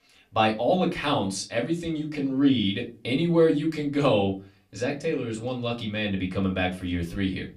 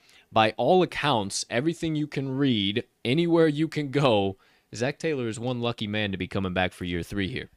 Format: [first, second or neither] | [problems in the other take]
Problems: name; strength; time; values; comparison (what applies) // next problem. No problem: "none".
second | off-mic speech; far // room echo; very slight; dies away in 0.3 s